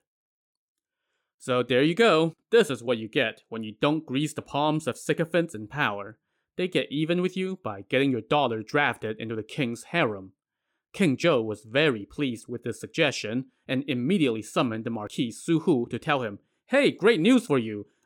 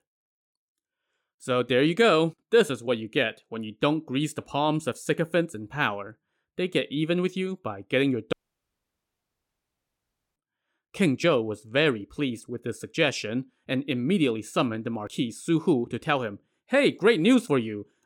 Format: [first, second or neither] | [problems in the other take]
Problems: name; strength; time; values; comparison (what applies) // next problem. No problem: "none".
first | audio cutting out; at 8.5 s for 2 s